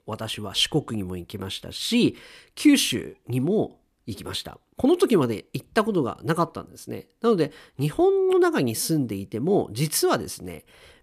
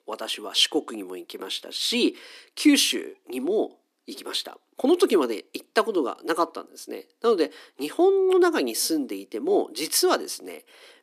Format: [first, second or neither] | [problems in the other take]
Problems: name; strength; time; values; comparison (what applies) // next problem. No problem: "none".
first | thin; very slightly; fading below 250 Hz